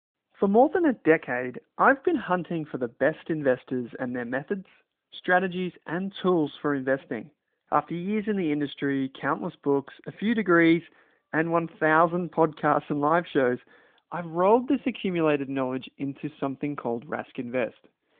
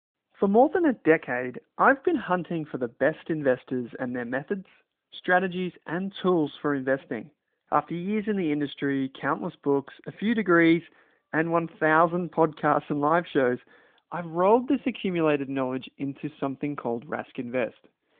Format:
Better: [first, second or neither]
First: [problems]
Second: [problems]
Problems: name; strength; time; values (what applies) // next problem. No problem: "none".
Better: neither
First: phone-call audio; nothing above 3.5 kHz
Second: phone-call audio; nothing above 3.5 kHz